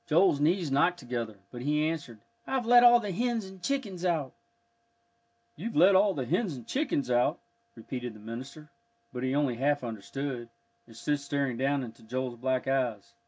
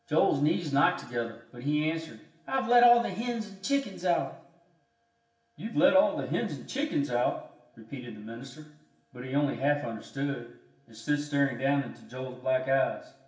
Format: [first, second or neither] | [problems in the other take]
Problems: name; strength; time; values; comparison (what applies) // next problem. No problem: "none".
first | room echo; dies away in 0.7 s